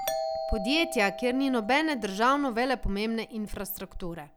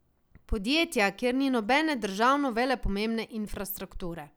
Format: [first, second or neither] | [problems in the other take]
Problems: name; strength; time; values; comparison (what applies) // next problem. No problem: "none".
second | background sound (Doorbell); 9 dB below the speech